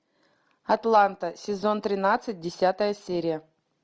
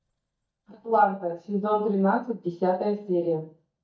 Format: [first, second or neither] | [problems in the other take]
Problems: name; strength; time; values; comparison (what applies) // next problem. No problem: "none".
first | noise reduction (neural mask model DeepFilterNet 3)